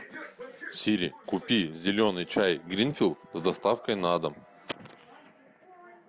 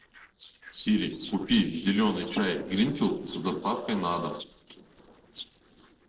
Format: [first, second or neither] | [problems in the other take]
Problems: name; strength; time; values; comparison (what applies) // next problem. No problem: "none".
first | noise reduction (neural separator model SepFormer DNS4)